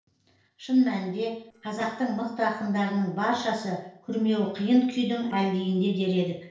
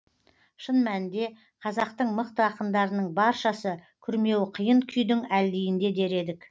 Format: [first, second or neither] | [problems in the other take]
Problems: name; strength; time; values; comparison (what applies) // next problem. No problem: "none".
second | noise reduction (neural separator model SepFormer DNS4)